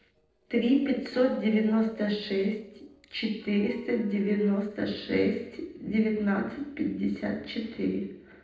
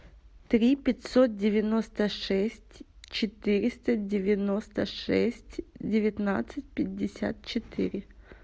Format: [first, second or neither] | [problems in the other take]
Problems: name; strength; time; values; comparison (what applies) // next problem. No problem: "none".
second | noise reduction (neural separator model SepFormer DNS4)